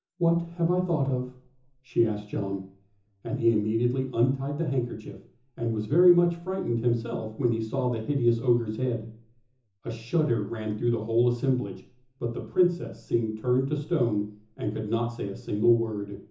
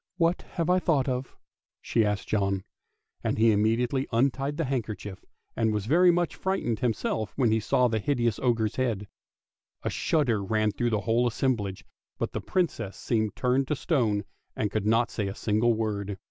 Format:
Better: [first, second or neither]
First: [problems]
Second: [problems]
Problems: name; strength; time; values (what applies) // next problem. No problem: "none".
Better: second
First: room echo; dies away in 0.6 s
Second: none